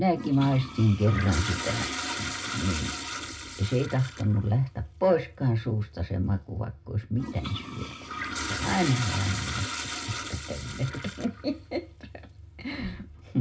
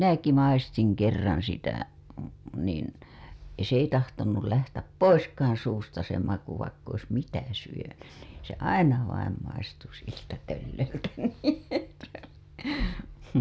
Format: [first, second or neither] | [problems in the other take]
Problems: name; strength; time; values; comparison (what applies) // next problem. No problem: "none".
second | background sound (Toilet flush); 9 dB below the speech // room echo; dies away in 0.2 s